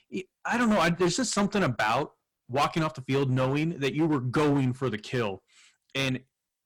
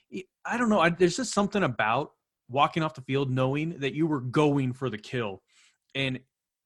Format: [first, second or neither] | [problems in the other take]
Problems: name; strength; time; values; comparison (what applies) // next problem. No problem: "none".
second | distortion; heavy; 9% of the sound clipped